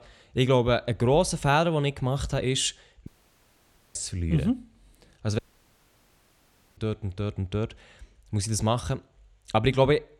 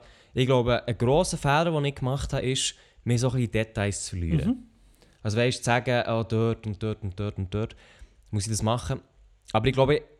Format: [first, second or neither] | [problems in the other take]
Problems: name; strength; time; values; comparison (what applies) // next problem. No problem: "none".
second | audio cutting out; at 3 s for 1 s and at 5.5 s for 1.5 s